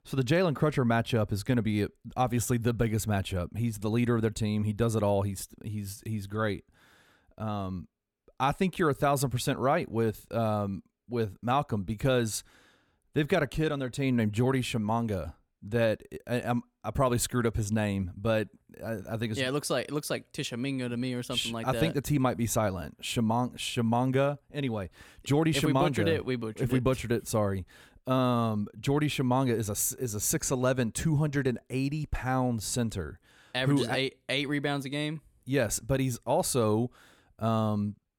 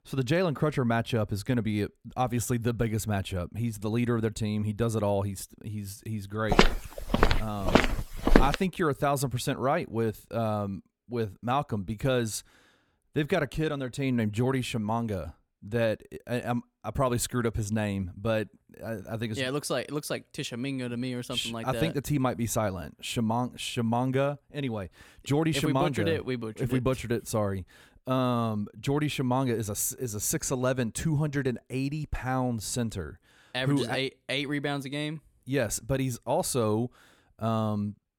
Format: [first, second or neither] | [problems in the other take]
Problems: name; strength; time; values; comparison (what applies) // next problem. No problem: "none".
first | footsteps; loud; from 6.5 to 8.5 s; peak 6 dB above the speech